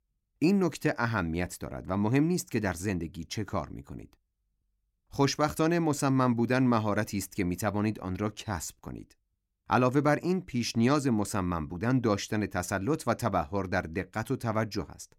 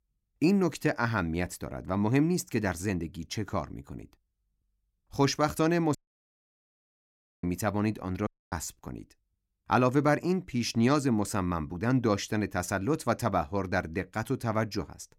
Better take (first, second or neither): first